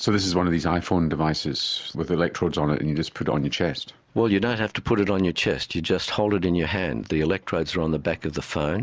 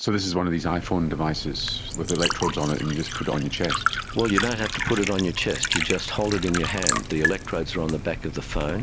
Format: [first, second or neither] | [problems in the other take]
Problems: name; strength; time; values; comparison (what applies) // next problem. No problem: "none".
first | background sound (Liquid); 4 dB below the speech